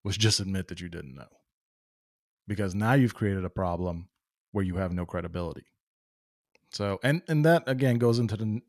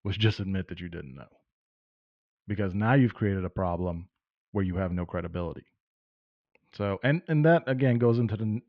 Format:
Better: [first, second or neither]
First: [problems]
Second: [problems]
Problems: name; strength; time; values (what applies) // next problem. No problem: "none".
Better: first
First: none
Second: muffled; very; fading above 3 kHz